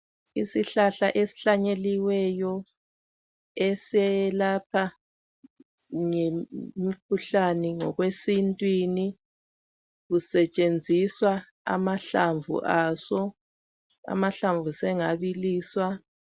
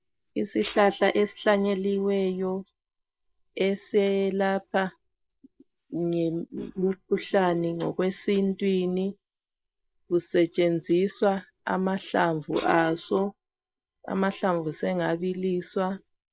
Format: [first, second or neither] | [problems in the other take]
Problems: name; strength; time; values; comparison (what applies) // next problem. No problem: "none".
first | noise reduction (neural mask model Resemble Enhance denoiser)